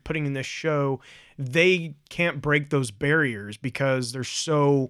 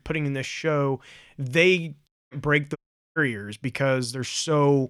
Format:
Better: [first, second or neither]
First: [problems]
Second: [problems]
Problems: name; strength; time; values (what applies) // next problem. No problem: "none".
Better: first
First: none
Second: audio cutting out; at 2 s and at 3 s